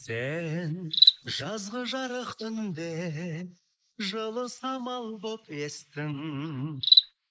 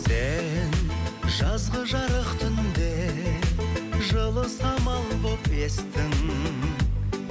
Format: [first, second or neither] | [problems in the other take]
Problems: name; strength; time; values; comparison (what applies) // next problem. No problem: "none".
second | noise reduction (neural mask model Resemble Enhance denoiser)